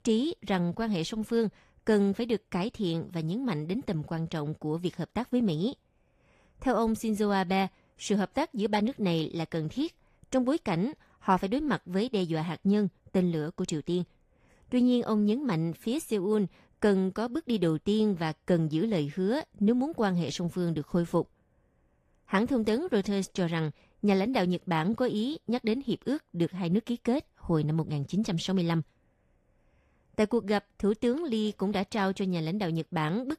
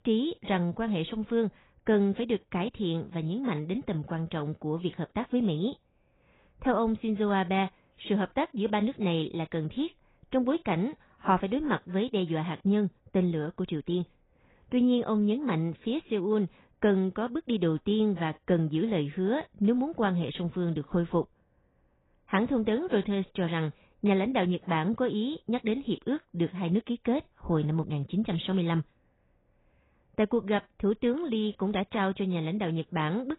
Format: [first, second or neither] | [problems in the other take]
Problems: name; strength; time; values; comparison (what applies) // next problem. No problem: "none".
first | garbled, watery; badly; nothing above 4 kHz; slightly in the first